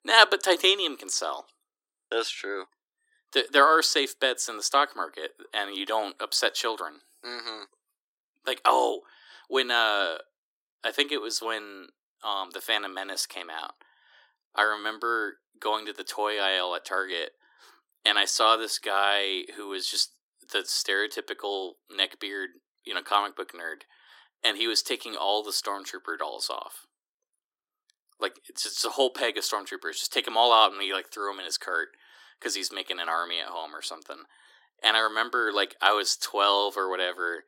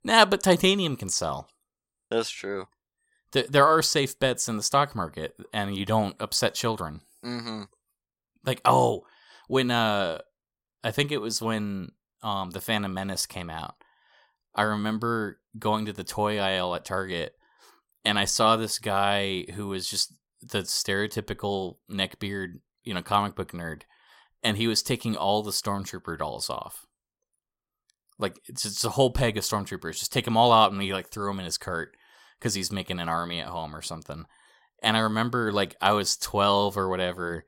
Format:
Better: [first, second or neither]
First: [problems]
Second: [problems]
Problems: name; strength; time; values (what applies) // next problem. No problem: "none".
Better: second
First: thin; very; fading below 300 Hz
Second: none